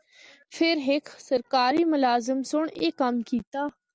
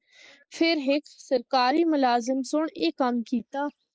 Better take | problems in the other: first | noise reduction (neural mask model Resemble Enhance denoiser)

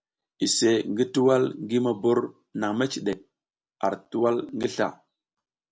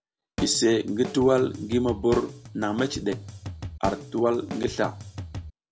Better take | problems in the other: first | background sound (Drum kit); 10 dB below the speech

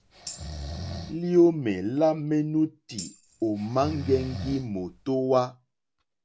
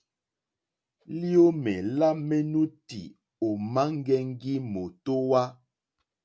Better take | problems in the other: second | background sound (Tambourine + Breathing); 13 dB below the speech

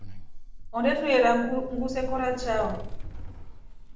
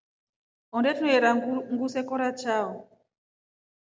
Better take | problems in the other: second | background sound (Sliding door); 7 dB below the speech // room echo; dies away in 0.6 s

